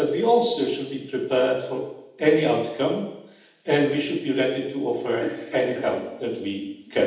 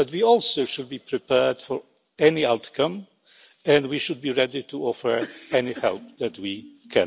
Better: second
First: room echo; dies away in 0.8 s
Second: none

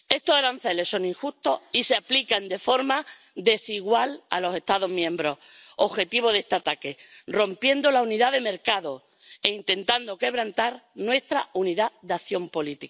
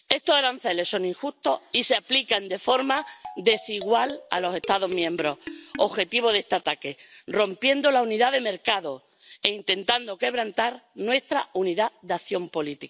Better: first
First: none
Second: background sound (Marimba, xylophone); 15 dB below the speech

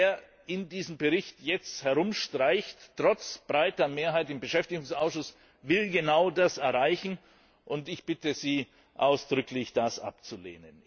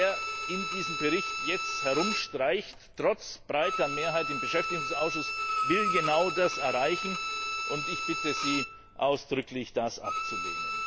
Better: first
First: none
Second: background sound (Bowed string instrument); 2 dB below the speech

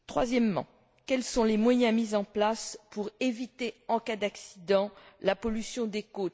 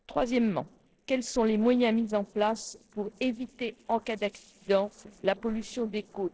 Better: first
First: none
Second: noise reduction (neural separator model SepFormer DNS4)

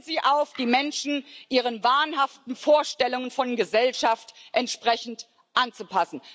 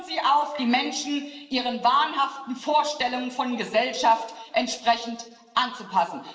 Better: first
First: none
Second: room echo; dies away in 0.9 s

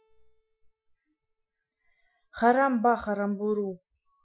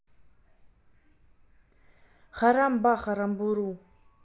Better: second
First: noise reduction (classical method Wiener filter)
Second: none

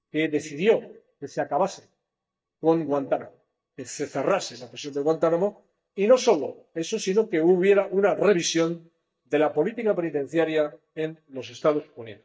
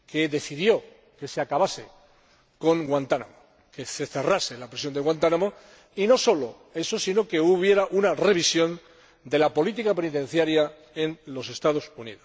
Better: second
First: noise reduction (neural mask model DeepFilterNet 3)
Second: none

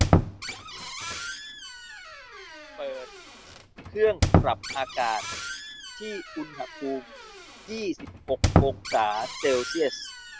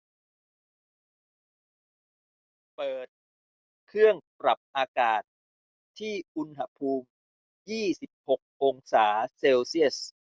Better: second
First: background sound (Squeak); 2 dB above the speech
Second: none

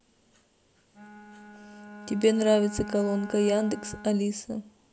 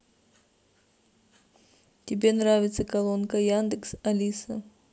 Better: second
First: background sound (Bowed string instrument); 15 dB below the speech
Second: none

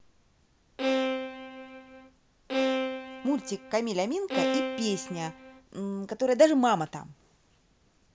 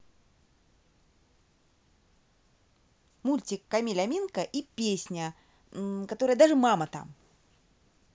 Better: second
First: background sound (Bowed string instrument); 2 dB below the speech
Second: none

